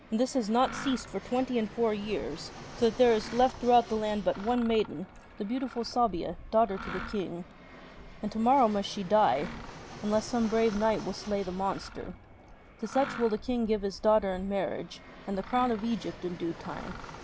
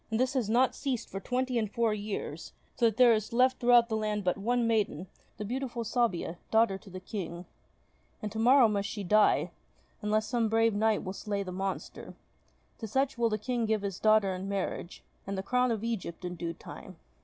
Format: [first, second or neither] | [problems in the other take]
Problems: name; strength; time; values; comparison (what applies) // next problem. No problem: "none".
second | background sound (Fixed-wing aircraft, airplane + Mechanisms); 14 dB below the speech